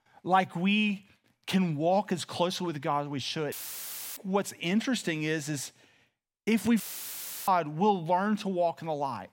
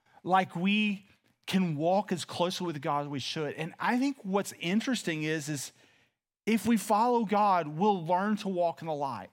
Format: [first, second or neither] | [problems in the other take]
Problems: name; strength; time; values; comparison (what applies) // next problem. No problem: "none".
second | audio cutting out; filled with static; at 3.5 s for 0.5 s and at 7 s for 0.5 s